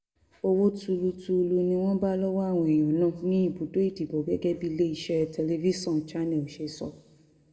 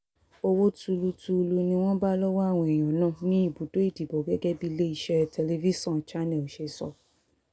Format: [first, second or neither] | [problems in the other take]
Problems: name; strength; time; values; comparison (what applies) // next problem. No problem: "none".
second | room echo; dies away in 0.8 s